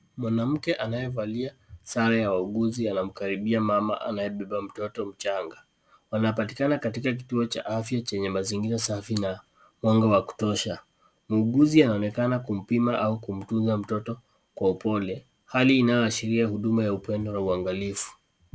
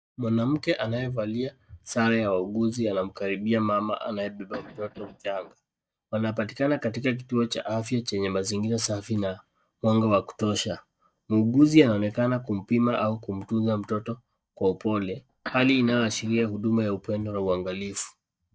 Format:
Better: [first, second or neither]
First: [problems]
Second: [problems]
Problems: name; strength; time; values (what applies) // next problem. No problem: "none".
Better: first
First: none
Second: noise reduction (neural mask model DeepFilterNet 3)